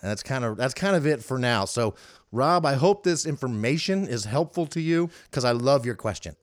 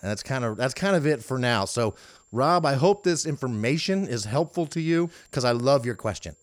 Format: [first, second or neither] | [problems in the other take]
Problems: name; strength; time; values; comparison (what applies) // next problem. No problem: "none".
first | high-pitched whine; faint; throughout; 7.5 kHz, 35 dB below the speech